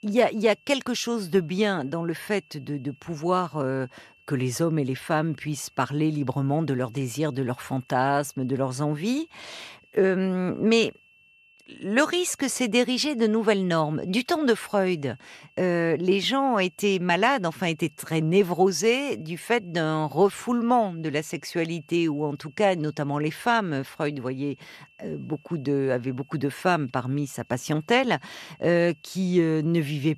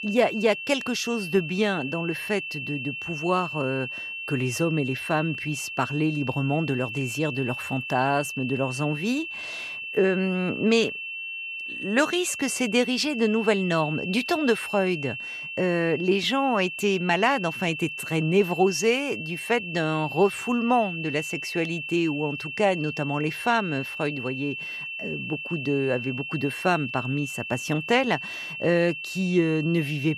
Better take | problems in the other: first | high-pitched whine; loud; throughout; 2.5 kHz, 7 dB below the speech; faint in the first

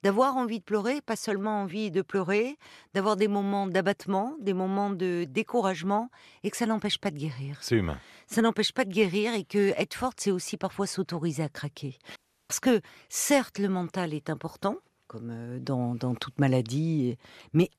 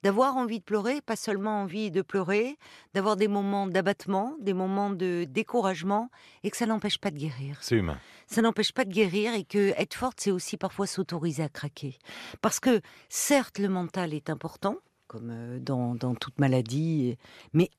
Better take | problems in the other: second | audio cutting out; at 12 s

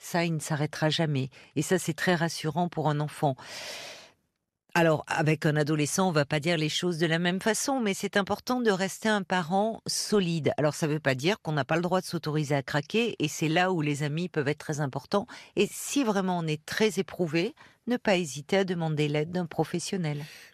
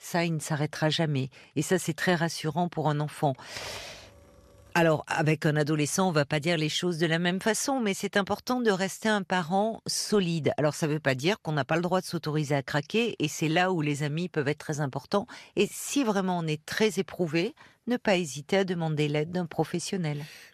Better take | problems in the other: first | keyboard typing; faint; from 3.5 to 5 s; peak 15 dB below the speech

